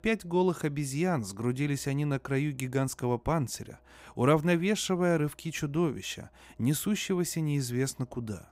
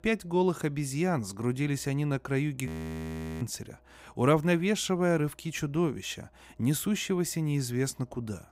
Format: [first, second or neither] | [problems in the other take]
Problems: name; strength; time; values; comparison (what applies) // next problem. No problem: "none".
first | audio freezing; at 2.5 s for 0.5 s